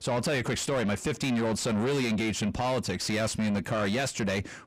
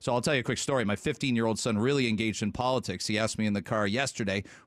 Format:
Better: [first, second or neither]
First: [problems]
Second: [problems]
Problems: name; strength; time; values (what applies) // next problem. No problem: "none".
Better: second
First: distortion; heavy; 8 dB below the speech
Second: none